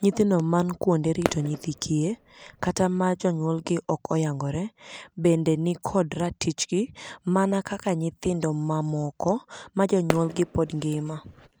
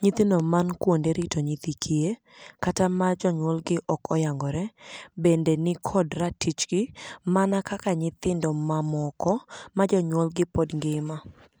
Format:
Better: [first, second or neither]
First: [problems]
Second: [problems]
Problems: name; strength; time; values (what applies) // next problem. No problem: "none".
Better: second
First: background sound (Fireworks); 9 dB below the speech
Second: none